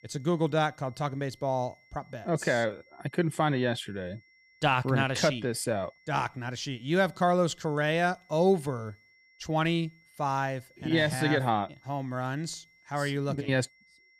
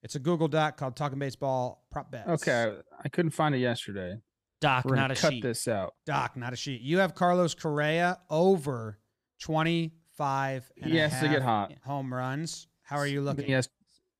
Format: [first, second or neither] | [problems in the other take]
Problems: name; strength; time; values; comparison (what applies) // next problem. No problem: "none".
second | high-pitched whine; faint; throughout; 2 kHz, 30 dB below the speech